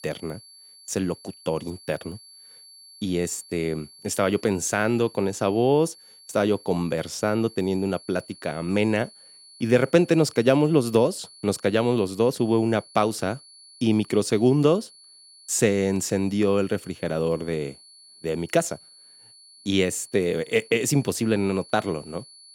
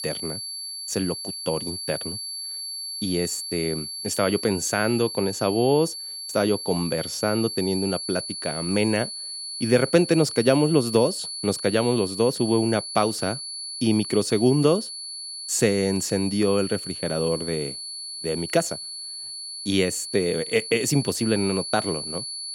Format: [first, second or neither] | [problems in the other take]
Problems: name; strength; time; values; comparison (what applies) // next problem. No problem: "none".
first | high-pitched whine; loud; throughout; 4.5 kHz, 7 dB below the speech; faint in the first